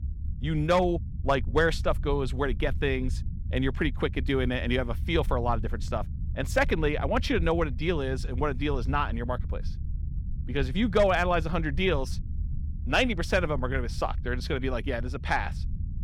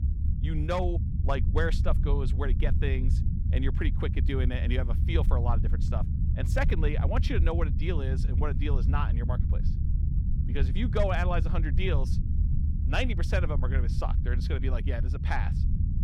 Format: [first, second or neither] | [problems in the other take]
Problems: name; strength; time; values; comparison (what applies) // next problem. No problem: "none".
first | low rumble; loud; throughout; 9 dB below the speech; faint in the first